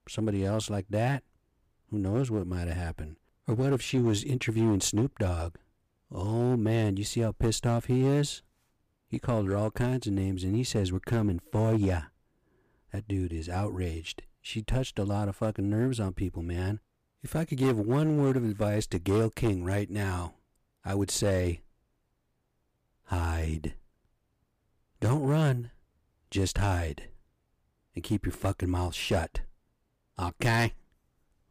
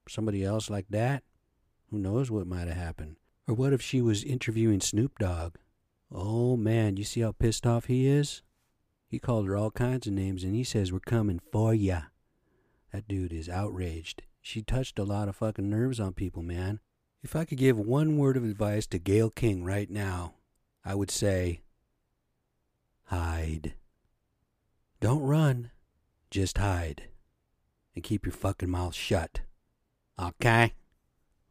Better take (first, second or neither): second